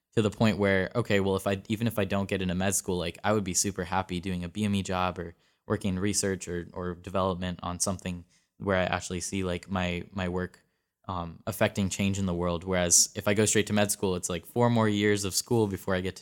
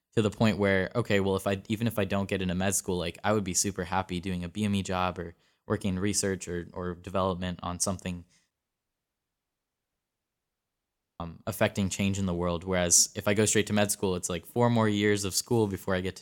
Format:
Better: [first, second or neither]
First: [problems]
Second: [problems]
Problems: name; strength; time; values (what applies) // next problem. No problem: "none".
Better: first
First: none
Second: audio cutting out; at 8.5 s for 2.5 s